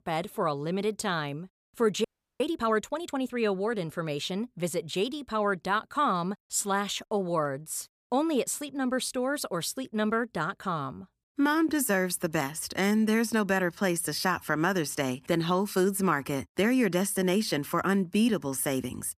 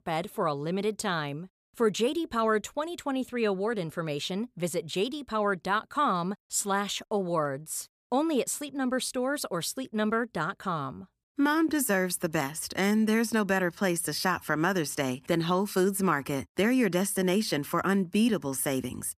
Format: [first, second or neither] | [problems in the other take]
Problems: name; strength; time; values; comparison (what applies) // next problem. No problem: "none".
second | audio freezing; at 2 s